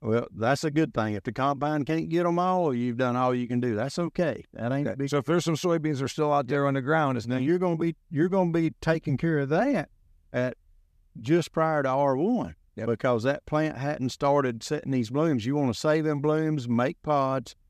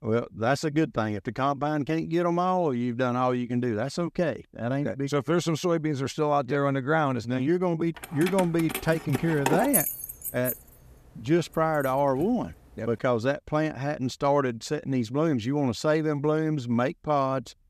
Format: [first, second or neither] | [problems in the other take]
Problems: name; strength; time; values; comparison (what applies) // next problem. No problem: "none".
first | jangling keys; loud; from 8 to 12 s; peak 3 dB above the speech